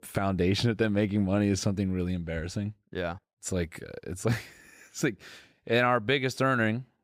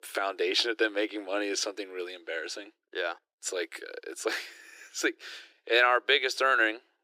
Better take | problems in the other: first | thin; very; fading below 300 Hz

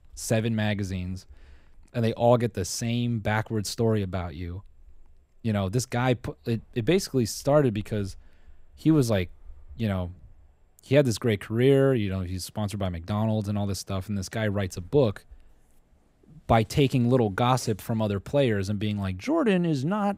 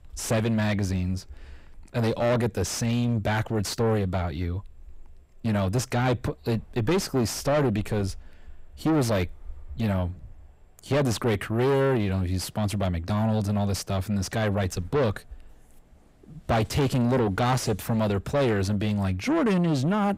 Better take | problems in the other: first | distortion; heavy; 5 dB below the speech

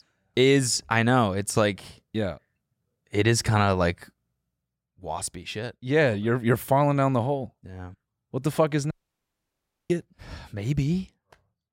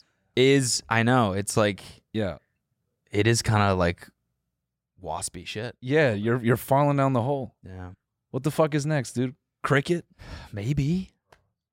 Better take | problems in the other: second | audio cutting out; at 9 s for 1 s

